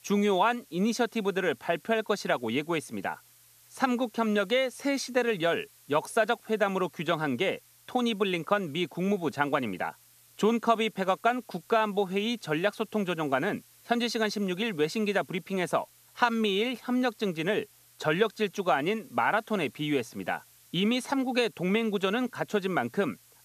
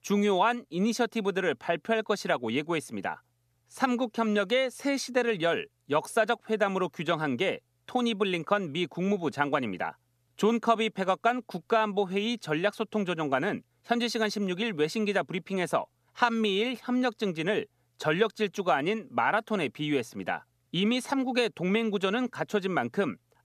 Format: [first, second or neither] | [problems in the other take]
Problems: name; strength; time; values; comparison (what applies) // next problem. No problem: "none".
second | hiss; faint; throughout; 25 dB below the speech